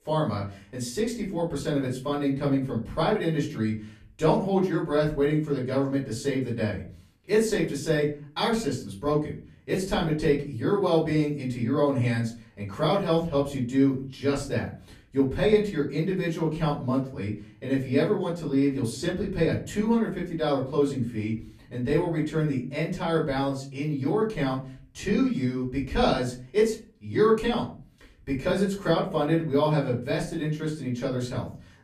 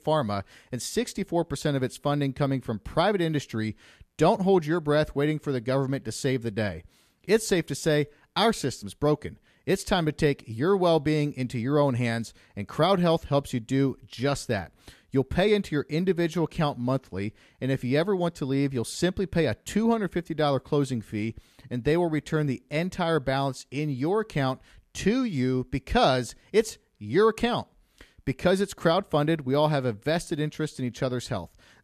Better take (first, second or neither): second